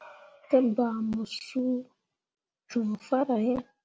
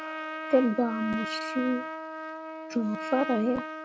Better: first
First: none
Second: background sound (Trumpet); 7 dB below the speech

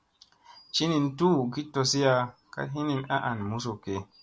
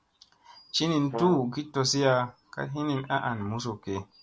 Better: first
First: none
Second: background sound (Brass instrument); 8 dB below the speech

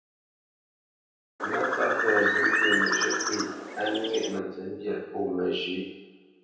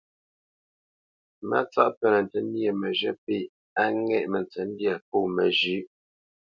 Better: second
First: background sound (Bird); 4 dB above the speech // room echo; dies away in 0.9 s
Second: none

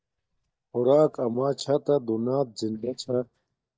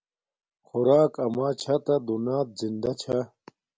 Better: second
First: noise reduction (neural mask model DeepFilterNet 3)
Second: none

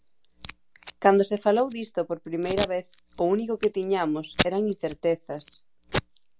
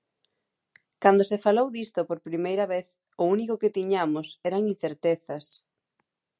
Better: second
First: background sound (Packing tape, duct tape); 10 dB below the speech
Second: none

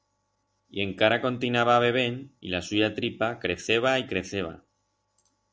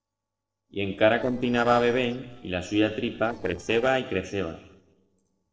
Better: first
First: none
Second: noise reduction (neural separator model SepFormer DNS4)

